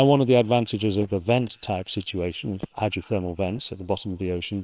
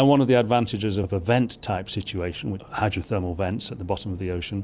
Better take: second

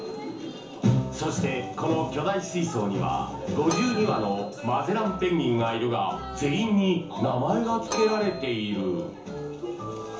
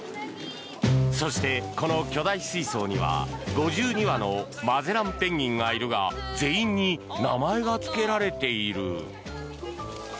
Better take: second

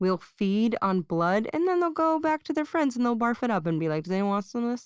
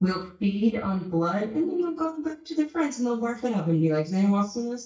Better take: first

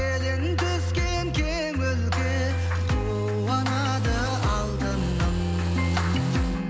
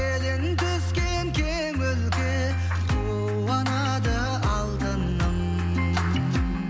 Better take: second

